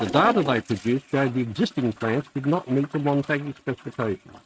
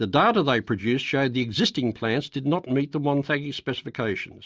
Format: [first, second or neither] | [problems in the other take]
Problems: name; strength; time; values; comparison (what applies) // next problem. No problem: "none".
second | noise reduction (neural mask model RNNoise)